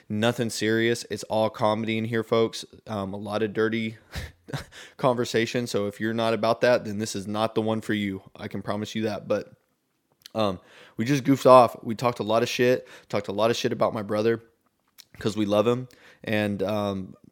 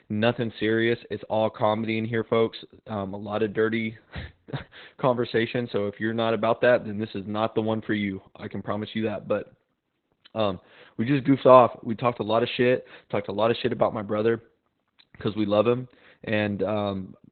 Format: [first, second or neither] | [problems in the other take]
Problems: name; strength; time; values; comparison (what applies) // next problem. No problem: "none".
first | garbled, watery; badly; nothing above 4 kHz